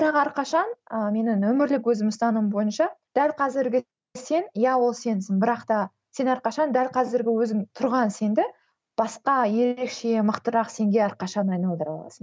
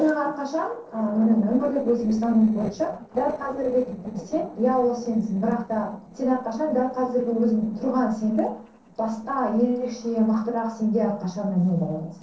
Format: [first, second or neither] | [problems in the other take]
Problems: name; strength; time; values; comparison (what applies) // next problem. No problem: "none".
first | noise reduction (neural separator model SepFormer DNS4)